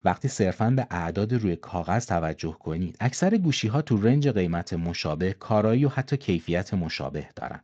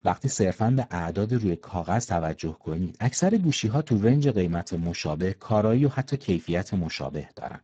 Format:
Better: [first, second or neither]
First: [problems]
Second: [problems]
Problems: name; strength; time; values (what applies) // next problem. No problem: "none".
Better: first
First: garbled, watery; slightly; nothing above 7.5 kHz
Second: garbled, watery; badly; nothing above 7.5 kHz